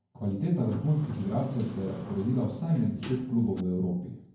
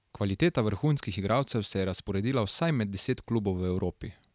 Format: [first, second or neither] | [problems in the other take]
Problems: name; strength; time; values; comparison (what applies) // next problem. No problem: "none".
second | background sound (Sliding door); 14 dB below the speech // room echo; dies away in 0.9 s